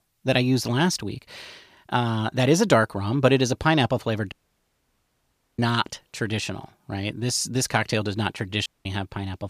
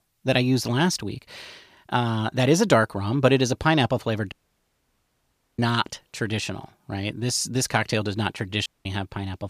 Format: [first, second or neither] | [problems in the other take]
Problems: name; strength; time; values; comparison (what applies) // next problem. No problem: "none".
neither | audio cutting out; at 4.5 s for 1.5 s and at 8.5 s; the same in both